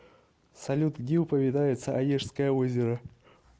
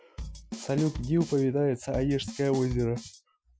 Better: first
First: none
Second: noise reduction (classical method Wiener filter)

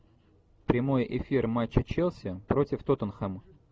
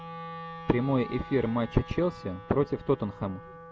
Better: first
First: none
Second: background sound (Wind instrument, woodwind instrument); 14 dB below the speech

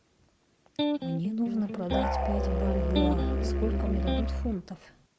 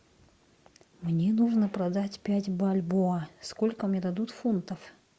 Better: second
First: background sound (Musical instrument + Electric guitar); 5 dB above the speech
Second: none

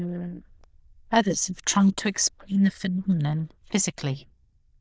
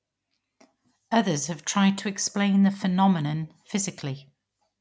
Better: second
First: noise reduction (neural diffusion model UNIVERSE++)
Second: none

